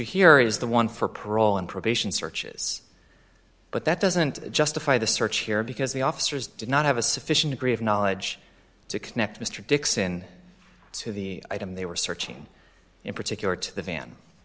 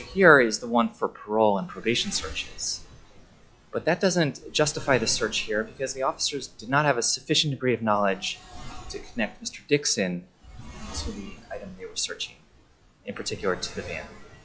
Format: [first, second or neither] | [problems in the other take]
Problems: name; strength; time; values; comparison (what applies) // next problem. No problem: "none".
first | noise reduction (classical method log-MMSE)